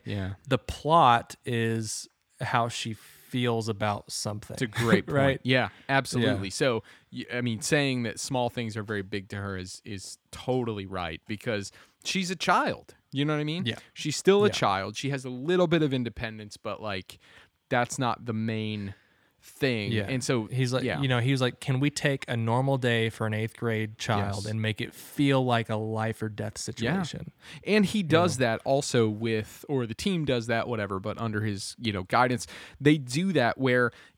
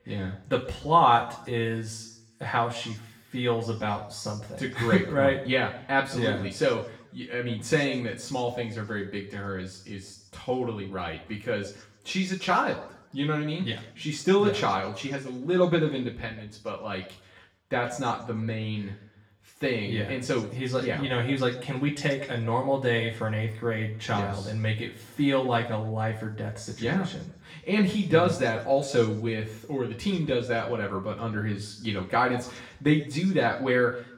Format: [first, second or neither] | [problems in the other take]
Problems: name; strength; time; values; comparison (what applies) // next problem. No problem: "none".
first | room echo; slight; dies away in 0.6 s // off-mic speech; far